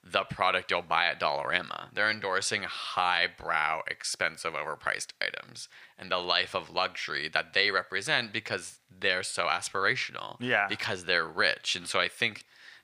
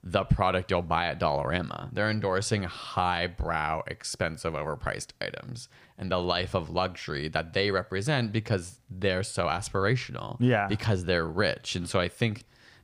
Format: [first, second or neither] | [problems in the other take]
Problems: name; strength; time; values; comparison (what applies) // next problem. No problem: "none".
second | thin; somewhat; fading below 950 Hz